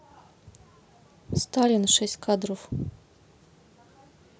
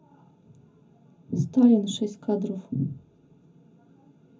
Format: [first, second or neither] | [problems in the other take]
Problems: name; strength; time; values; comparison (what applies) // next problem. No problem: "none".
first | room echo; dies away in 0.3 s